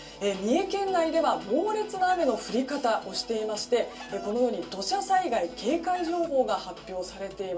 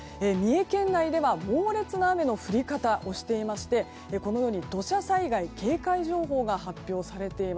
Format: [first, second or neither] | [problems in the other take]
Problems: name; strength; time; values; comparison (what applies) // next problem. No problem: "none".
second | background sound (Chicken, rooster); 19 dB below the speech // room echo; dies away in 0.2 s